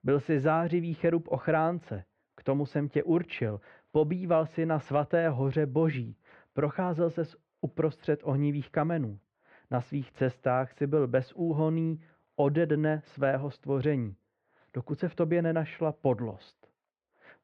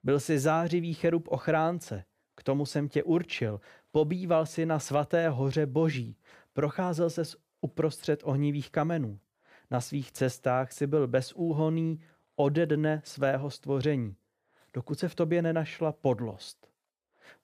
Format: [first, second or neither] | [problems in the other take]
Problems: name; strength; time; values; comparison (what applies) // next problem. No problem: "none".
second | muffled; very; fading above 2.5 kHz